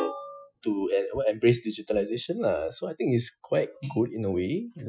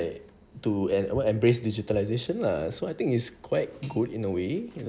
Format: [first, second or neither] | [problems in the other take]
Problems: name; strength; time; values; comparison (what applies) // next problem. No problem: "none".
second | noise reduction (classical method Wiener filter)